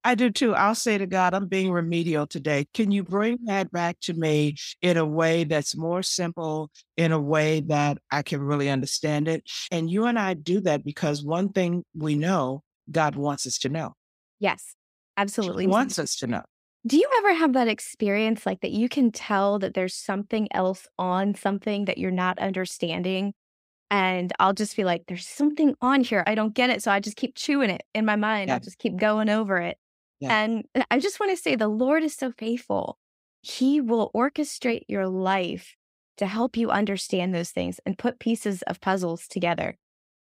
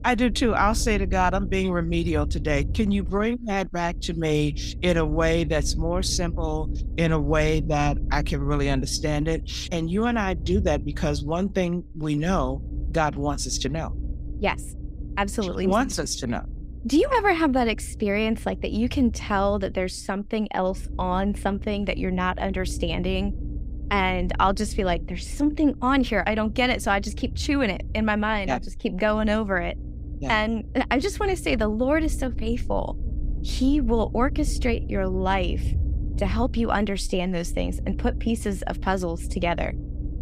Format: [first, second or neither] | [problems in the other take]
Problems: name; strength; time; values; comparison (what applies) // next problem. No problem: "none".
first | low rumble; faint; throughout; 20 dB below the speech